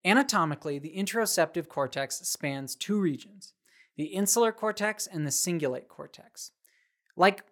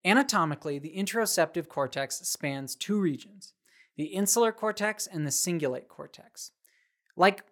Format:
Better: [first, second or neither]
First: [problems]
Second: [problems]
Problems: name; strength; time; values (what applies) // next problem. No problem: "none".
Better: neither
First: none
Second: none